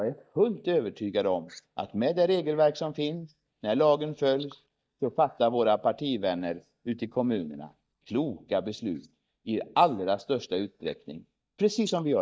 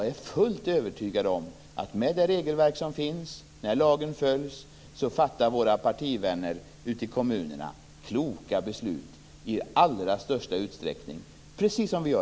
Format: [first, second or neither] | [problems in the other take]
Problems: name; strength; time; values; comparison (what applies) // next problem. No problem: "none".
second | noise reduction (neural mask model DeepFilterNet 3)